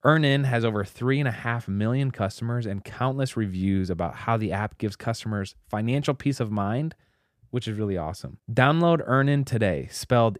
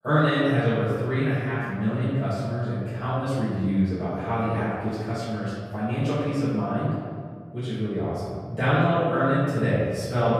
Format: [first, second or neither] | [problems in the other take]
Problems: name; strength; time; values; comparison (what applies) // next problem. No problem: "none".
first | off-mic speech; far // room echo; strong; dies away in 1.8 s